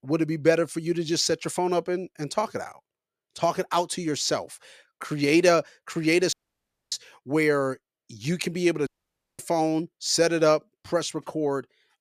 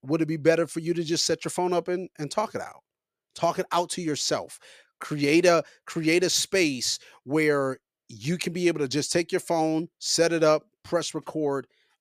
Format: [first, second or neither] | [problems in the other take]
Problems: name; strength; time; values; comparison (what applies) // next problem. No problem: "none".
second | audio cutting out; at 6.5 s for 0.5 s and at 9 s for 0.5 s